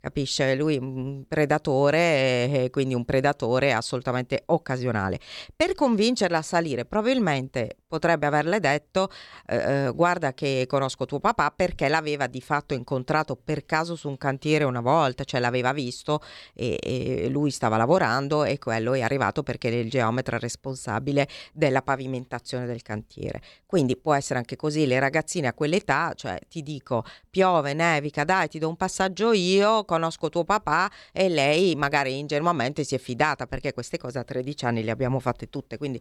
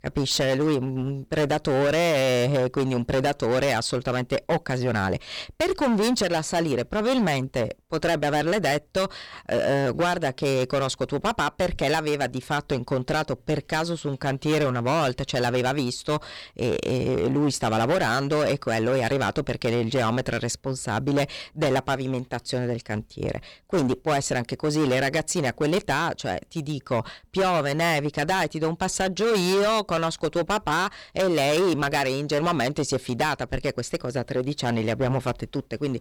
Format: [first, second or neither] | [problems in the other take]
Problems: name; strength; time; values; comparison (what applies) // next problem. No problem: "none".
first | distortion; heavy; 15% of the sound clipped